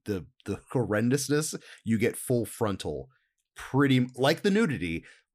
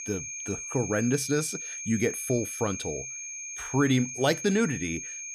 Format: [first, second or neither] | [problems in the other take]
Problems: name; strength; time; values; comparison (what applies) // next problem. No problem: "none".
first | high-pitched whine; loud; throughout; 6.5 kHz, 6 dB below the speech